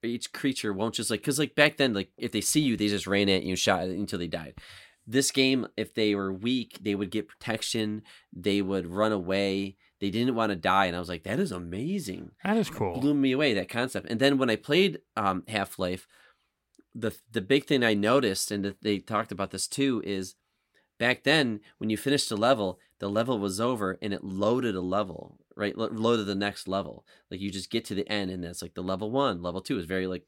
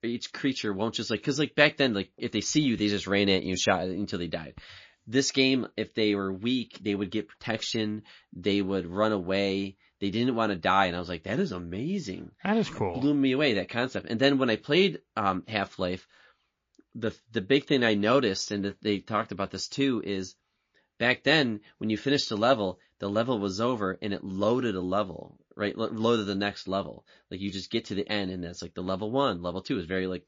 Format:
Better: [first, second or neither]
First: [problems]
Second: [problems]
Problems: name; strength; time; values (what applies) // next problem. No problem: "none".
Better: first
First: none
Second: garbled, watery; slightly; nothing above 6.5 kHz